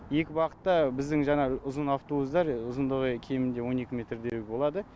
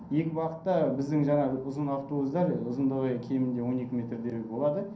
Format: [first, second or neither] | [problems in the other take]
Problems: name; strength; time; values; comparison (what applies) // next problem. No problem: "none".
first | room echo; dies away in 0.6 s